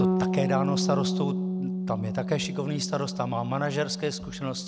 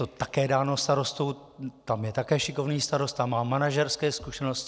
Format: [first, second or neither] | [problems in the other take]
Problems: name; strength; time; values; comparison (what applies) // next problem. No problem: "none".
second | background sound (Bass guitar); 1 dB above the speech